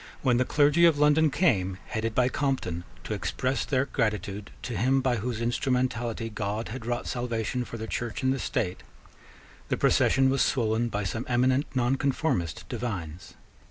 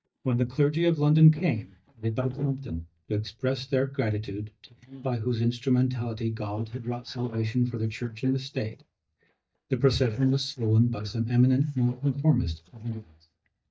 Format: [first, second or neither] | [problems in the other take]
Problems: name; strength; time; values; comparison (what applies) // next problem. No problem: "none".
first | noise reduction (neural mask model DeepFilterNet 3)